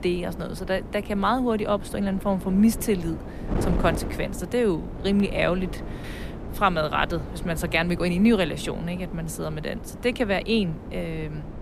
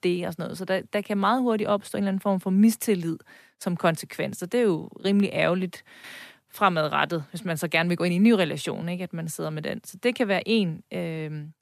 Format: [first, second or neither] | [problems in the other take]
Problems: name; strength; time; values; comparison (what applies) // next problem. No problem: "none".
second | wind noise on the microphone; occasional gusts; 15 dB below the speech